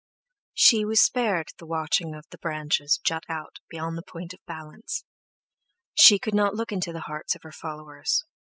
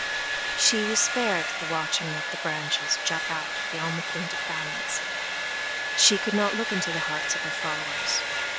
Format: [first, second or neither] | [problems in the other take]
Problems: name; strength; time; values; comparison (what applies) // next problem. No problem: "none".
first | background sound (Domestic sounds, home sounds); as loud as the speech